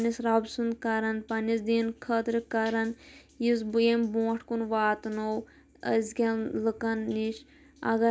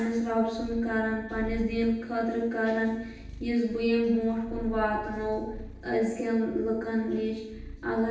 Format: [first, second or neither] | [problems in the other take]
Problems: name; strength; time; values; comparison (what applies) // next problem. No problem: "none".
first | background sound (Purr); 15 dB below the speech // room echo; dies away in 0.9 s